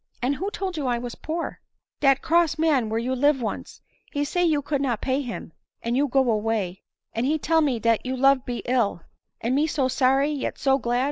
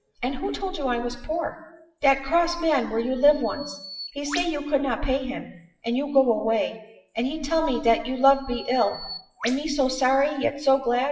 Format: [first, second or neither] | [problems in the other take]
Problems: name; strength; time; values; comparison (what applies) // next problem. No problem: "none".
first | noise reduction (classical method WPE with log-MMSE)